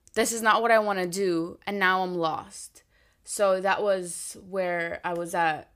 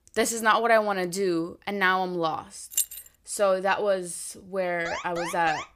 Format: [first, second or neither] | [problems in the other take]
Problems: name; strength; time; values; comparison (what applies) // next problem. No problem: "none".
first | jangling keys; noticeable; at 2.5 s; peak 1 dB below the speech // alarm; noticeable; at 5 s; peak 8 dB below the speech